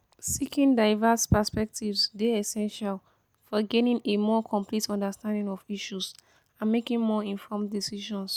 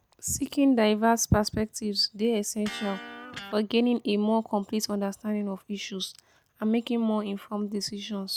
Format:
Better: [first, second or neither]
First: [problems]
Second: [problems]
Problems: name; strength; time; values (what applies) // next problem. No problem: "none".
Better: first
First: none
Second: background sound (Electric guitar); 17 dB below the speech